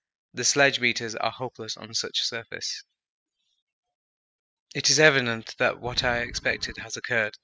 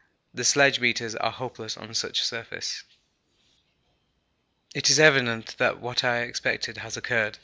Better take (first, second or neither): second